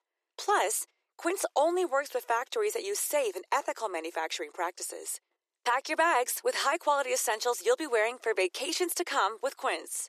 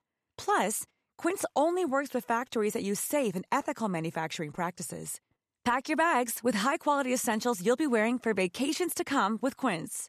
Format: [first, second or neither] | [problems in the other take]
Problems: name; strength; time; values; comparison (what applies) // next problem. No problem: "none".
second | thin; very; fading below 350 Hz